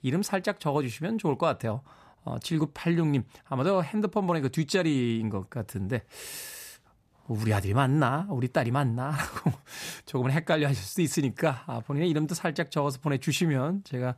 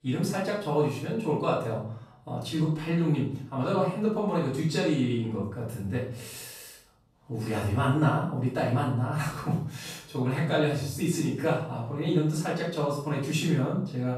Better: first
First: none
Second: off-mic speech; far // room echo; noticeable; dies away in 0.5 s

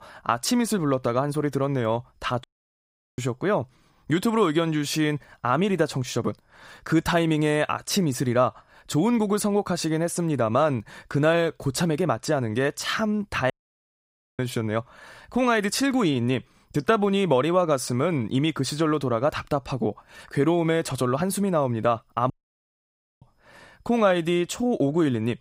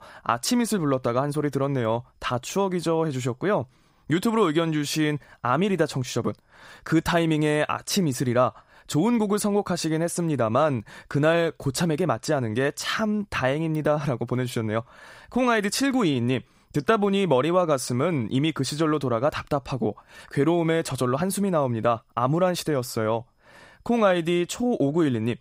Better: second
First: audio cutting out; at 2.5 s for 0.5 s, at 14 s for 1 s and at 22 s for 1 s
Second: none

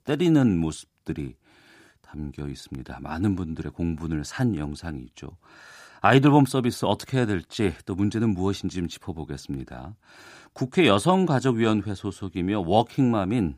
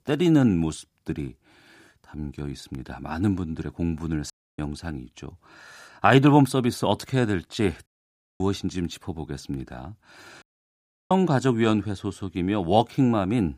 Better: first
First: none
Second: audio cutting out; at 4.5 s, at 8 s for 0.5 s and at 10 s for 0.5 s

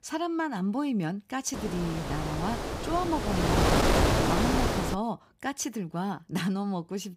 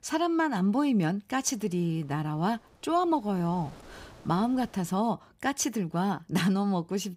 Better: second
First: wind noise on the microphone; heavy; from 1.5 to 5 s; 5 dB above the speech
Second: wind noise on the microphone; occasional gusts; from 1.5 to 5 s; 25 dB below the speech

